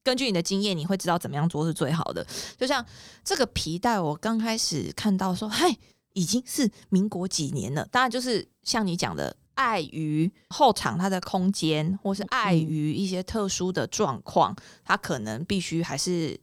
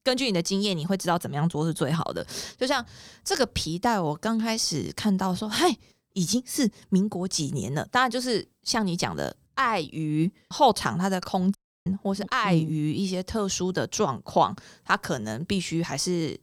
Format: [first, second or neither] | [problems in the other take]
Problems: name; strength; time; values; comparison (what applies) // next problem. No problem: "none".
first | audio cutting out; at 12 s